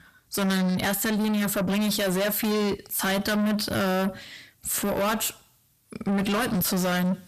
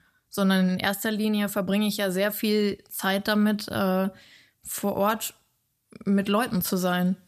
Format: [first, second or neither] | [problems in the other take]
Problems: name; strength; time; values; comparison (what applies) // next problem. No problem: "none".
second | distortion; heavy; 6 dB below the speech